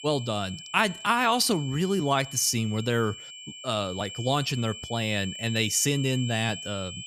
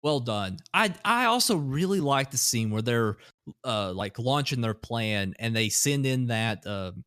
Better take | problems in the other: second | high-pitched whine; noticeable; throughout; 3 kHz, 10 dB below the speech

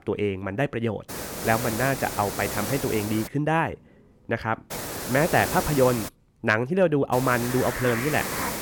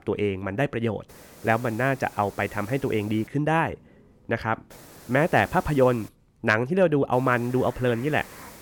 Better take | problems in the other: second | hiss; loud; from 1 to 3.5 s, from 4.5 to 6 s and from 7 s on; 6 dB below the speech; faint in the second

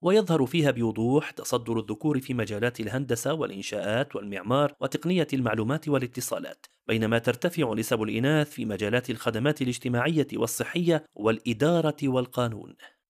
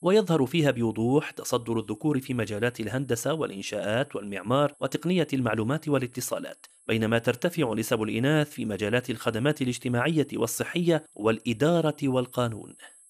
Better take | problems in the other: first | high-pitched whine; faint; throughout; 11 kHz, 30 dB below the speech

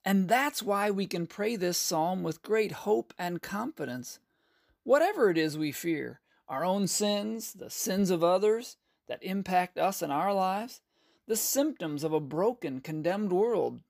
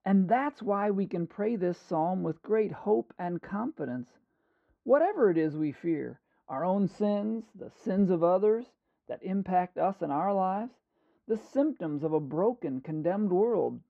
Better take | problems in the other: first | muffled; very; fading above 1 kHz

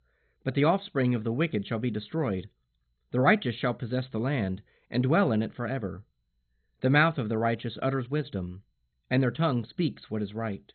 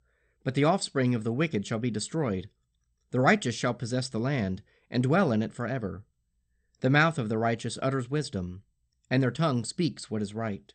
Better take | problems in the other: second | garbled, watery; badly; nothing above 4 kHz; slightly in the second

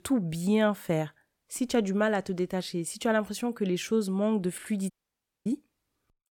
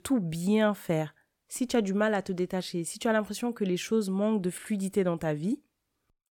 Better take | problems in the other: second | audio cutting out; at 5 s for 0.5 s

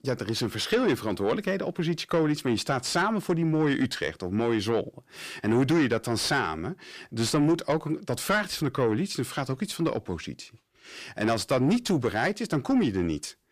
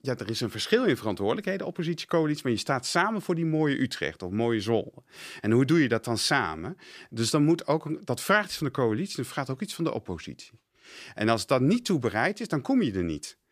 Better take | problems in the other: second | distortion; slight; 10 dB below the speech

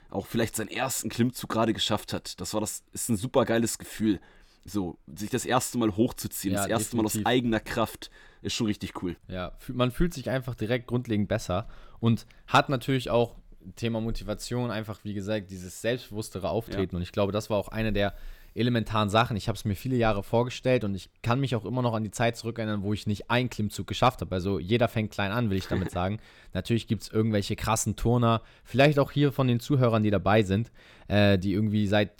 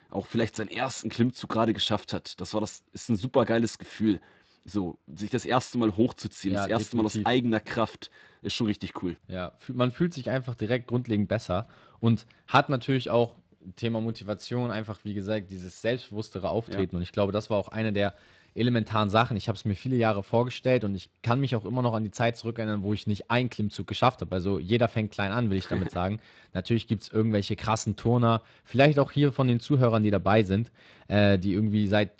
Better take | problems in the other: first | garbled, watery; slightly; nothing above 7.5 kHz

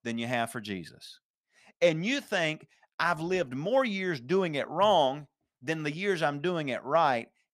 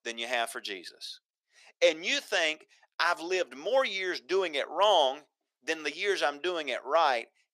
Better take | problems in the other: first | thin; very; fading below 400 Hz

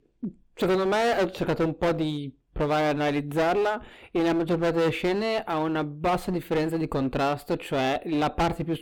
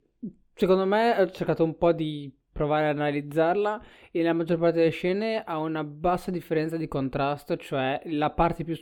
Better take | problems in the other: second | distortion; heavy; 18% of the sound clipped

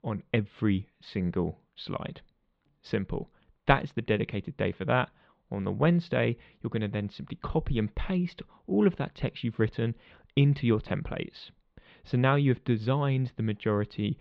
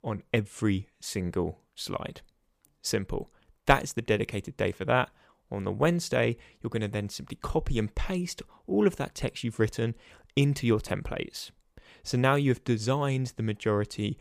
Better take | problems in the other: second | muffled; slightly; fading above 4 kHz

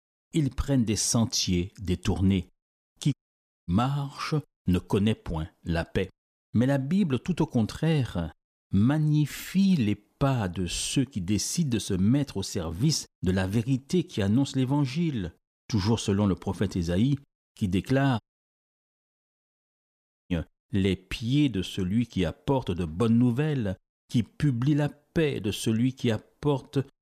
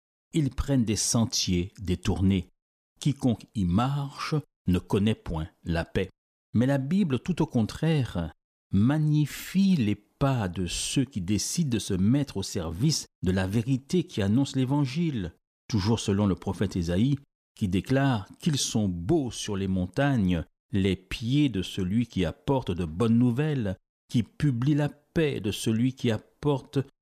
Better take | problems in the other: second | audio cutting out; at 3 s for 0.5 s and at 18 s for 2 s

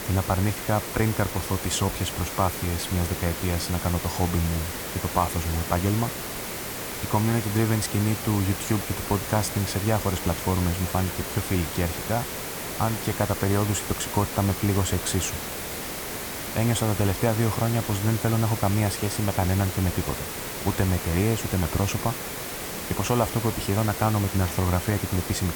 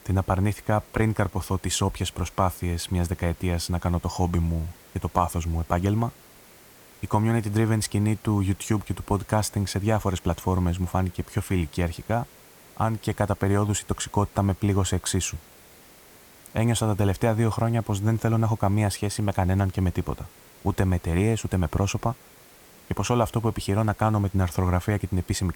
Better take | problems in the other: second | hiss; loud; throughout; 5 dB below the speech; faint in the second

